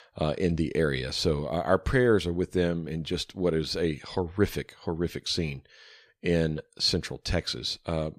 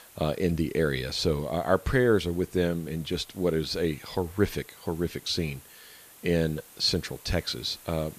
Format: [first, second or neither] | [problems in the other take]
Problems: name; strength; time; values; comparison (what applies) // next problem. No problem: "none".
first | hiss; faint; throughout; 20 dB below the speech